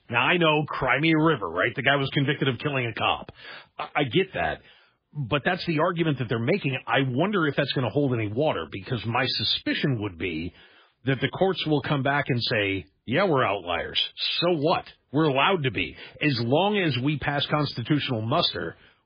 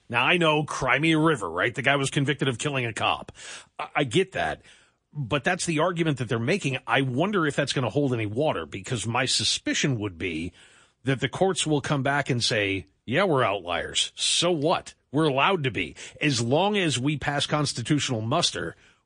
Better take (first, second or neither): second